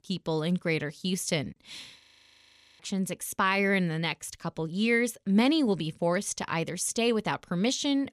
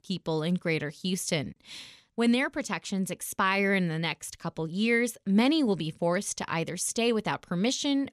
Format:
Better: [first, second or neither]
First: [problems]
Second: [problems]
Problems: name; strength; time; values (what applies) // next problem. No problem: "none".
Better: second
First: audio freezing; at 2 s for 1 s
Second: none